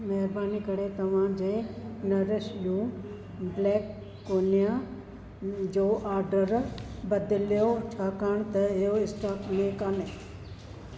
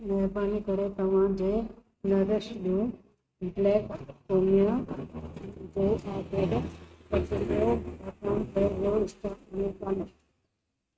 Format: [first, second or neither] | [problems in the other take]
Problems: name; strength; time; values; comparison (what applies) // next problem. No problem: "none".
first | noise reduction (neural mask model RNNoise)